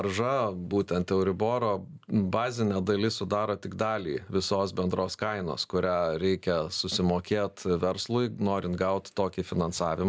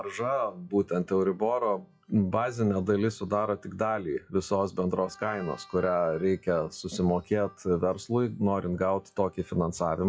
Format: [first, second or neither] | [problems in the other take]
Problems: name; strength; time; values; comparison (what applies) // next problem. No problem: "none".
first | noise reduction (classical method WPE with log-MMSE)